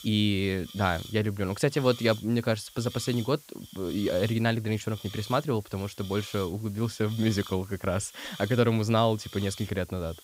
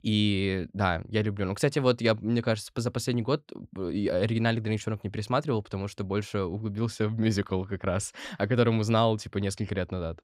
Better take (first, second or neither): second